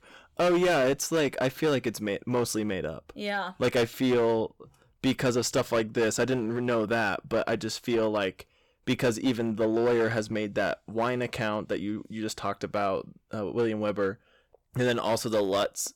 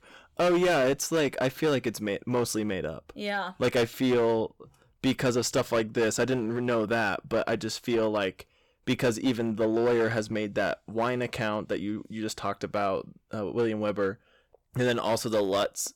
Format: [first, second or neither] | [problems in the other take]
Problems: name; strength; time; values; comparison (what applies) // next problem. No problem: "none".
neither | distortion; slight; 9% of the sound clipped; the same in both